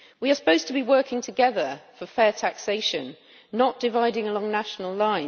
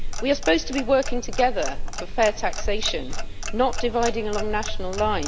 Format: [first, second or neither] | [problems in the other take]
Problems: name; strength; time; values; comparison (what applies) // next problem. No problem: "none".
first | background sound (Clock); 1 dB below the speech